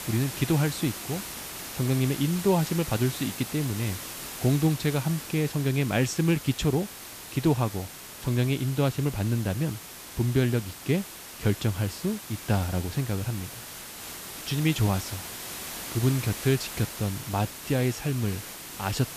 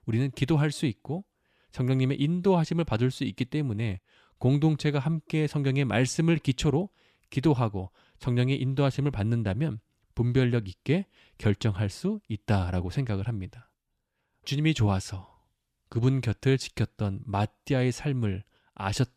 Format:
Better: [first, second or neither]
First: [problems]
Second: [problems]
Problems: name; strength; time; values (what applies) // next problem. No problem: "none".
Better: second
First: hiss; loud; throughout; 9 dB below the speech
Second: none